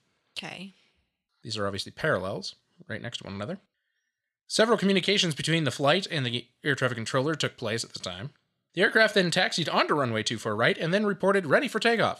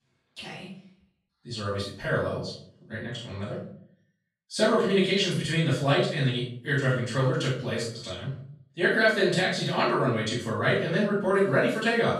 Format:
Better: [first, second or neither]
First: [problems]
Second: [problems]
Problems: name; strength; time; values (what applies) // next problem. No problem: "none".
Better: first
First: none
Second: off-mic speech; far // room echo; noticeable; dies away in 0.5 s